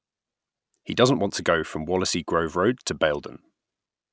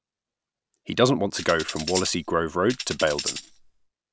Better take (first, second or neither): first